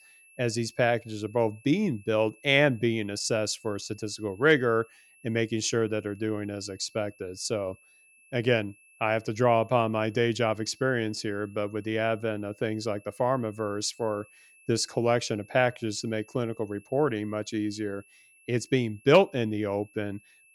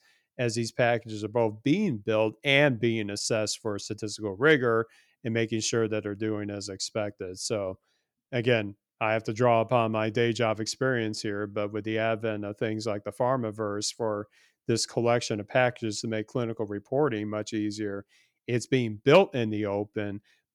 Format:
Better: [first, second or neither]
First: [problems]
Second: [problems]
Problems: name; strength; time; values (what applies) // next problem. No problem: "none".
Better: second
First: high-pitched whine; faint; throughout; 2.5 kHz, 30 dB below the speech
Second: none